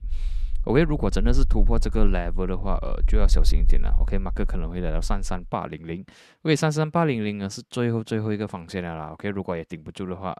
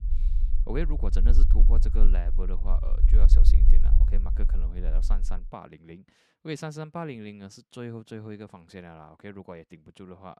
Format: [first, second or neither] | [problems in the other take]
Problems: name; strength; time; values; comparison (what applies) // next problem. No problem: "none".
first | low rumble; loud; until 5.5 s; 7 dB below the speech; faint in the first